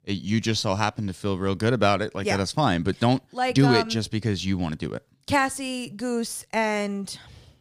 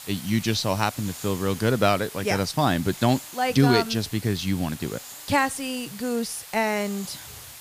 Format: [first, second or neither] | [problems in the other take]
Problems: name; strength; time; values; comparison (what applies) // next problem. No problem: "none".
first | hiss; noticeable; throughout; 15 dB below the speech